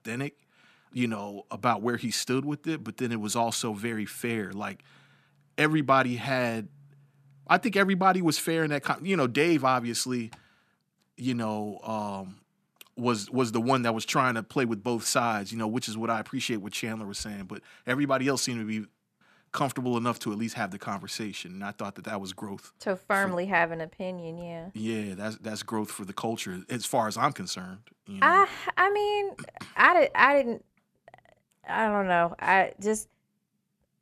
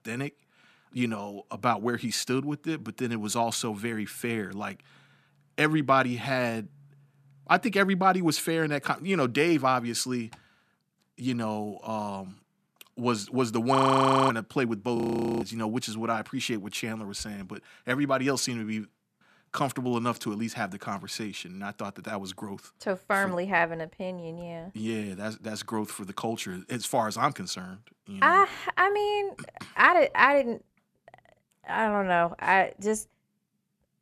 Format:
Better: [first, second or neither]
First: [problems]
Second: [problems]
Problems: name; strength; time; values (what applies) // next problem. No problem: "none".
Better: first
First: none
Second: audio freezing; at 14 s for 0.5 s and at 15 s